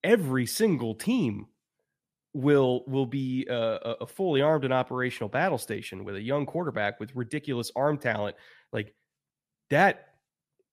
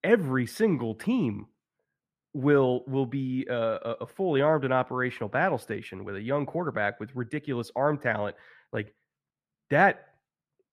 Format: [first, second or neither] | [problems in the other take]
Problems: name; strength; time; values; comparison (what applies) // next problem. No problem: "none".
first | muffled; slightly; fading above 3 kHz